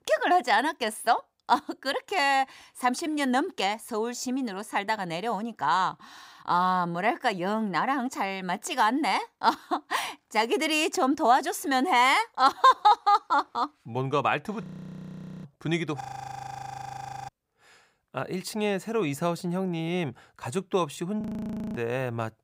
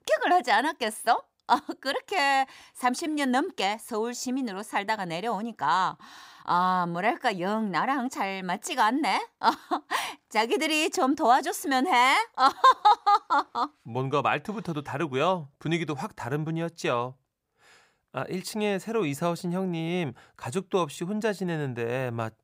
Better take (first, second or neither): second